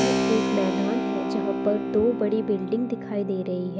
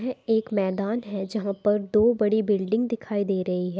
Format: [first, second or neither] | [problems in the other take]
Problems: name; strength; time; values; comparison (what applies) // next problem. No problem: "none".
second | background sound (Keyboard (musical)); 1 dB below the speech